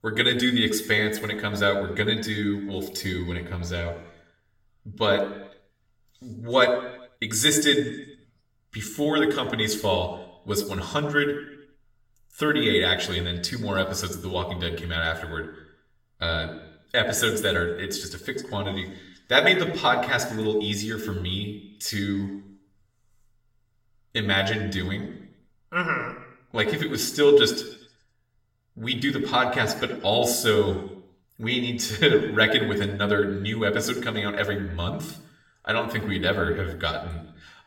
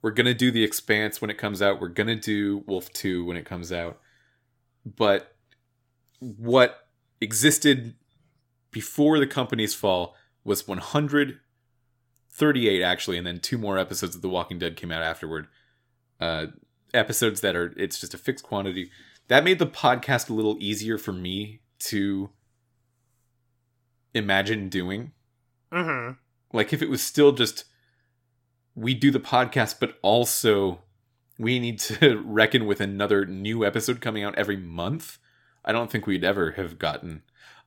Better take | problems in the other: second | room echo; slight; dies away in 0.7 s // off-mic speech; far

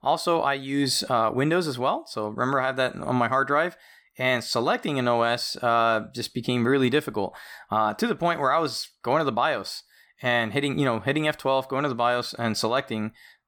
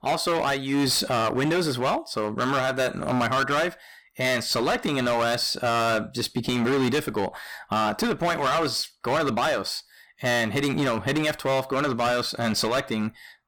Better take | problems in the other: first | distortion; heavy; 18% of the sound clipped

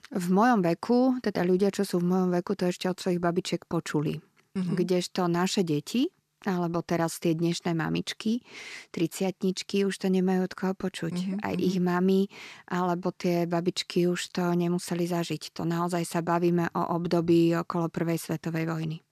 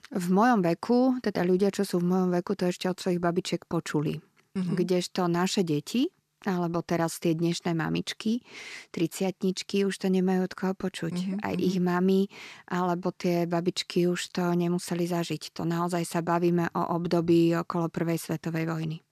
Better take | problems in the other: neither | none

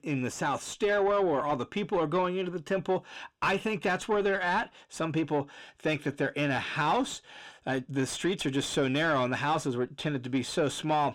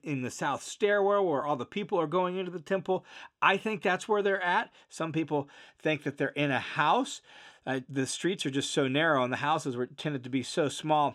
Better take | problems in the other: second | distortion; slight; 10 dB below the speech

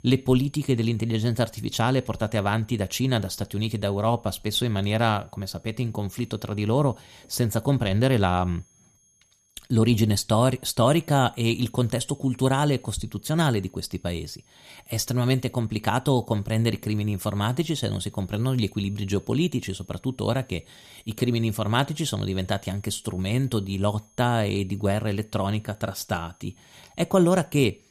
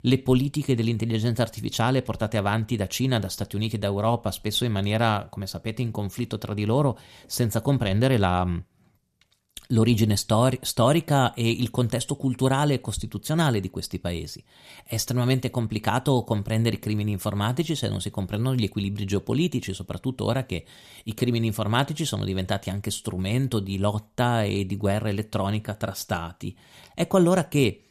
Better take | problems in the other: second | high-pitched whine; faint; throughout; 6.5 kHz, 35 dB below the speech

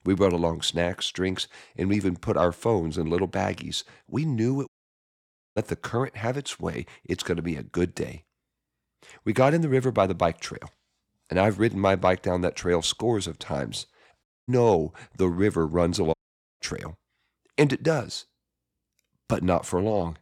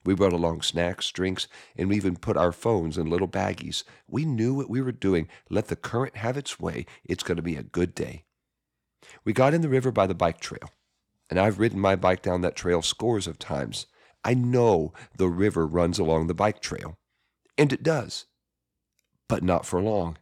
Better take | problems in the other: second | audio cutting out; at 4.5 s for 1 s, at 14 s and at 16 s

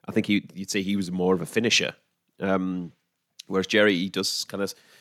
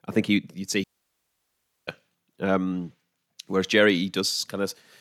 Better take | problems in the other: first | audio cutting out; at 1 s for 1 s

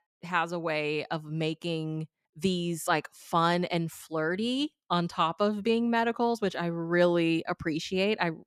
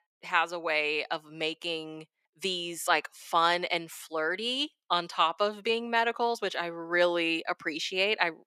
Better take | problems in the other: first | thin; somewhat; fading below 450 Hz

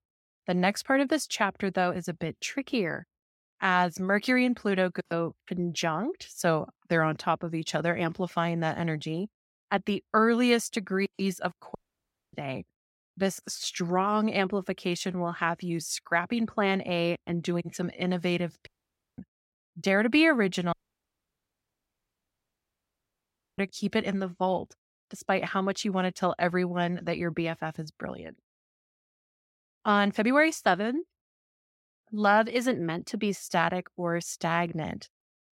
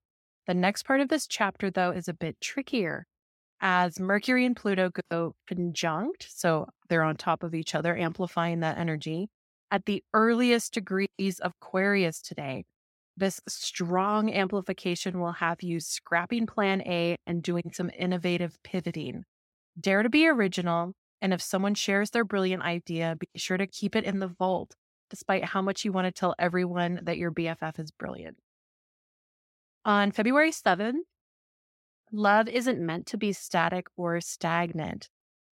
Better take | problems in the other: second | audio cutting out; at 12 s for 0.5 s, at 19 s for 0.5 s and at 21 s for 3 s

